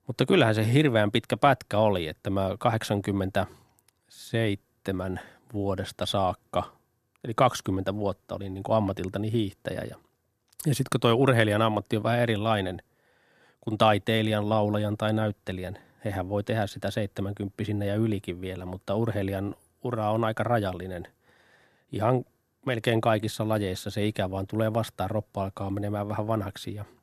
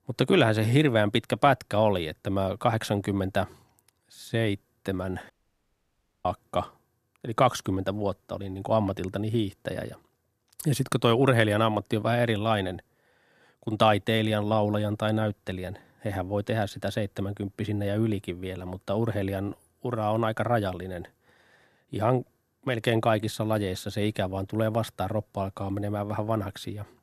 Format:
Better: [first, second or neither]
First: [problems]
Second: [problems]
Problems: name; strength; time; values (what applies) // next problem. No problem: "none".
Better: first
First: none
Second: audio cutting out; at 5.5 s for 1 s